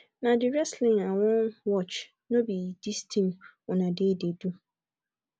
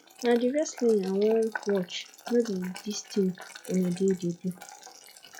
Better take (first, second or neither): first